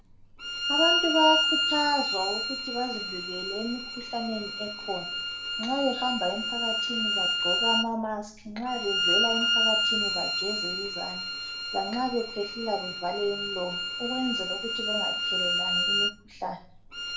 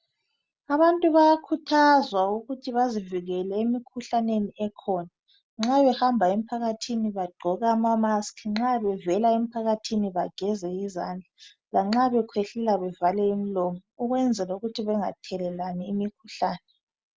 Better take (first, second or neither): second